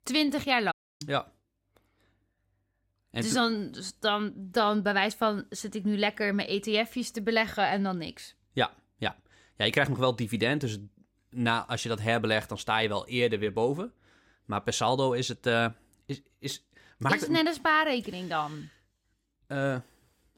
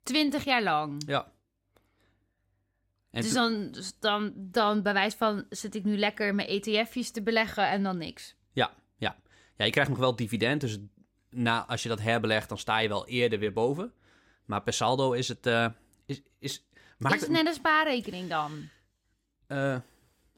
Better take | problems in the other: second | audio cutting out; at 0.5 s

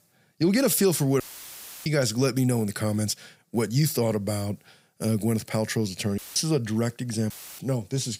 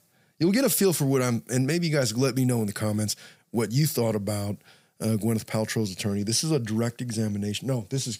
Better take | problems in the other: second | audio cutting out; filled with static; at 1 s for 0.5 s, at 6 s and at 7.5 s

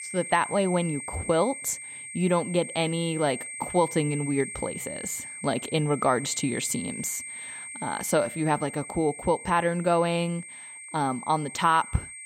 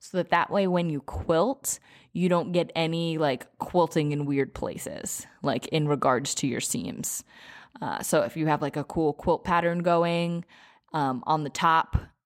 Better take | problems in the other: second | high-pitched whine; loud; throughout; 8.5 kHz, 9 dB below the speech

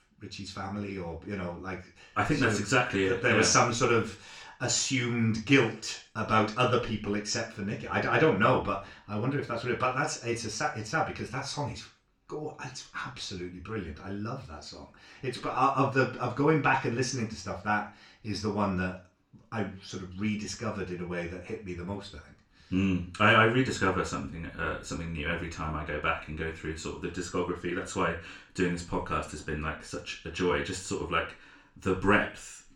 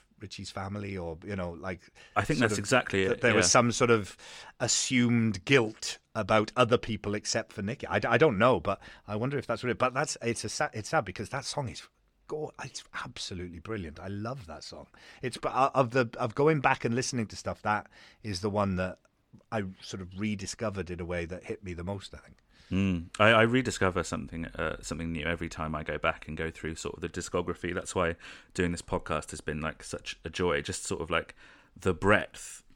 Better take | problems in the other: second | room echo; slight; dies away in 0.4 s // off-mic speech; far

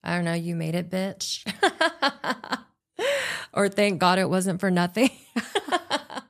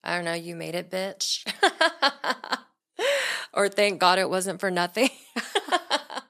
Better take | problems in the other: first | thin; somewhat; fading below 350 Hz

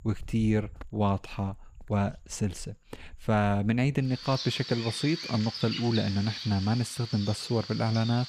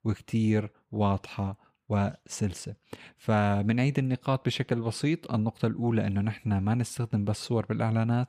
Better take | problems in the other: second | animal sounds; loud; throughout; 9 dB below the speech

